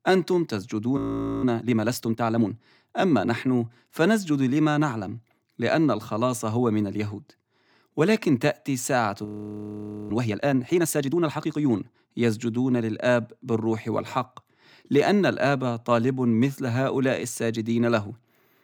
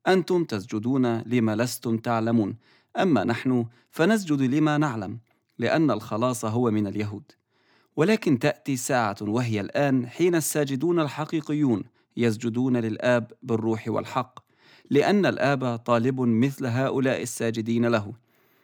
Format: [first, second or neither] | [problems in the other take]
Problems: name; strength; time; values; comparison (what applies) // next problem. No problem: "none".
second | audio freezing; at 1 s and at 9.5 s for 1 s